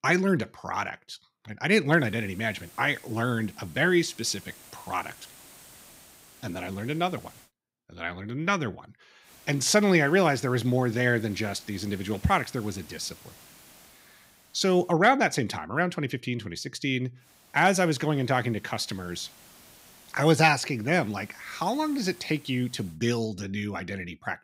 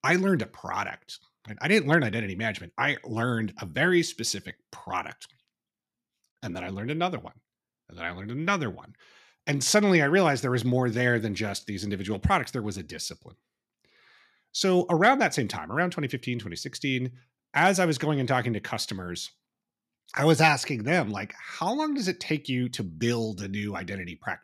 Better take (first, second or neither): second